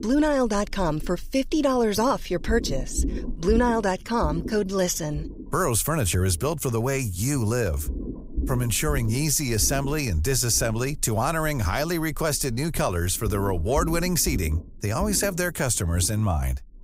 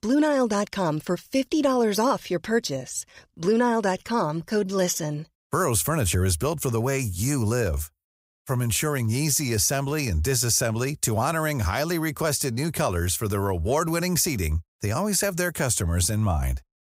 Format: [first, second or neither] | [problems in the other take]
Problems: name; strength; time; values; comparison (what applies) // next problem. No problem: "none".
second | low rumble; noticeable; throughout; 15 dB below the speech